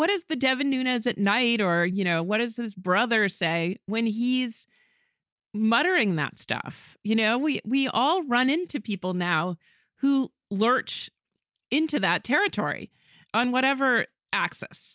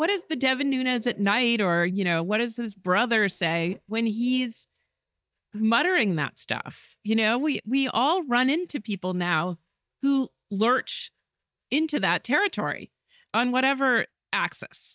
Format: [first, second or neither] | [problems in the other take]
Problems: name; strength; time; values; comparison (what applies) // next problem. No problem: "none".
first | noise reduction (neural mask model DeepFilterNet 3)